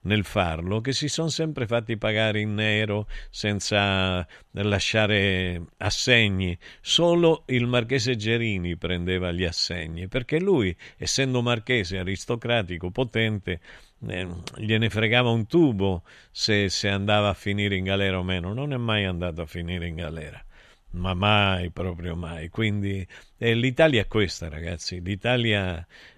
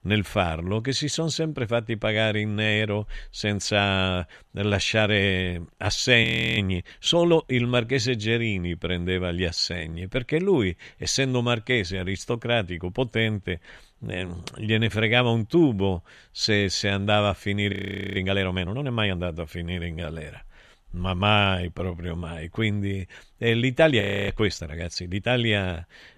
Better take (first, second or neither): first